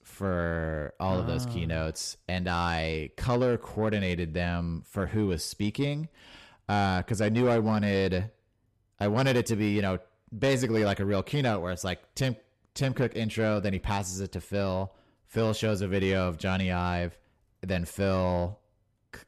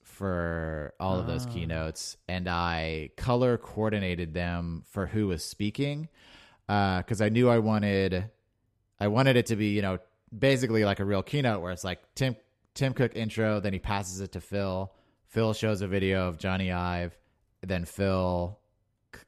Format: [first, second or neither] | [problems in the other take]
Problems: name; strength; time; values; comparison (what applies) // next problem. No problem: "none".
second | distortion; slight; 10 dB below the speech